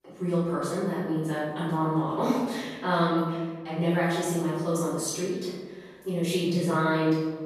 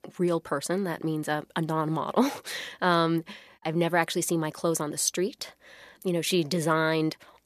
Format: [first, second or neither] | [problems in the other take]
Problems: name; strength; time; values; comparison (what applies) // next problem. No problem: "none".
second | room echo; strong; dies away in 1.4 s // off-mic speech; far